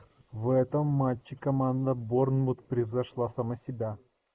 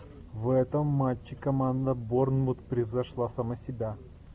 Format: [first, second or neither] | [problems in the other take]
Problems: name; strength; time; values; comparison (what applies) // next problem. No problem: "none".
second | noise reduction (neural mask model Resemble Enhance denoiser)